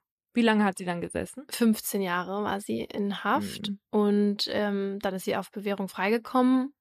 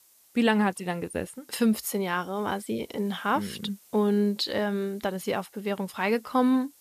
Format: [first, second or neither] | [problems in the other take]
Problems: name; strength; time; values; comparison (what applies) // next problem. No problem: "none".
first | hiss; faint; throughout; 25 dB below the speech